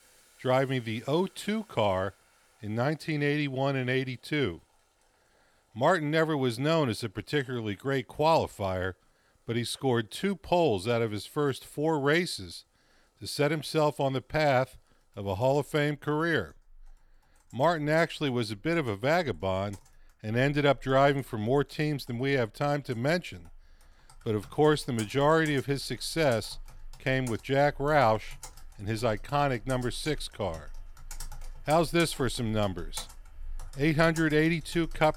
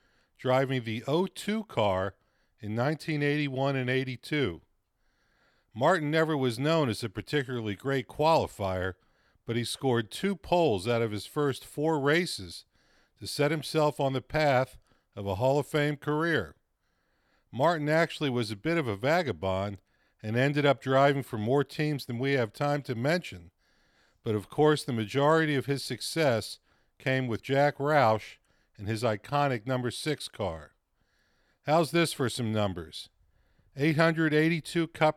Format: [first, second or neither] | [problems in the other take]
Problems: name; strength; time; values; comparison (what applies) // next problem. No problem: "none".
second | household noises; faint; throughout; 20 dB below the speech